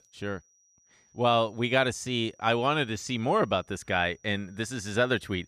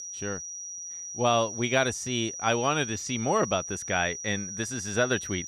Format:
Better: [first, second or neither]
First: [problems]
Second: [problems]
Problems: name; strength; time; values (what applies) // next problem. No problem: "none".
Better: first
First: high-pitched whine; faint; throughout; 6 kHz, 35 dB below the speech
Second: high-pitched whine; loud; throughout; 6 kHz, 7 dB below the speech